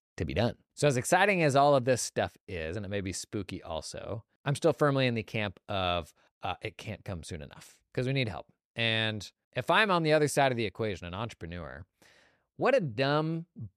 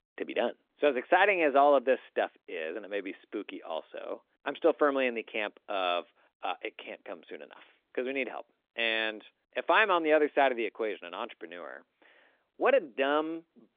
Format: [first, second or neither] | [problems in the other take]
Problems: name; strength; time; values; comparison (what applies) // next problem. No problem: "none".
first | phone-call audio